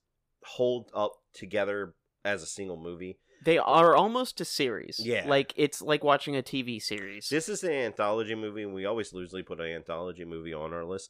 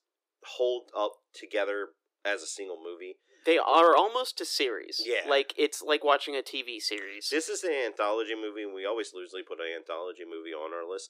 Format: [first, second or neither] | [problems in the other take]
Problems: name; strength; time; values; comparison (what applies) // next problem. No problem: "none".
first | thin; somewhat; fading below 300 Hz